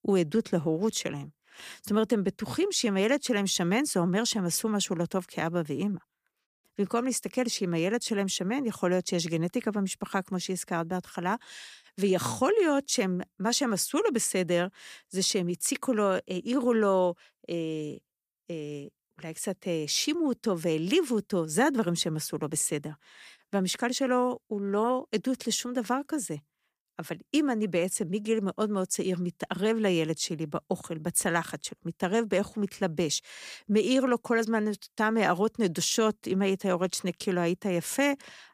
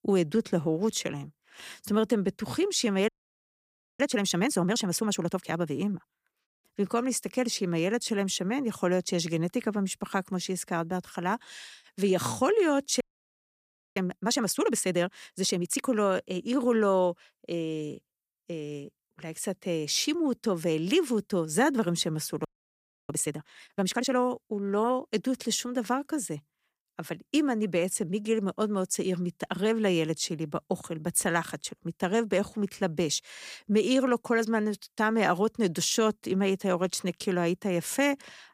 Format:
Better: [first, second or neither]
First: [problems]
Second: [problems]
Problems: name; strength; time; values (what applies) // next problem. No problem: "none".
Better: first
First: none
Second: audio freezing; at 3 s for 1 s, at 13 s for 1 s and at 22 s for 0.5 s